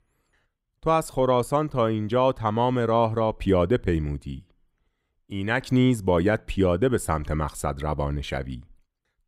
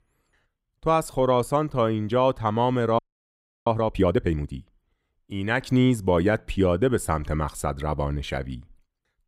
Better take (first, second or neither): first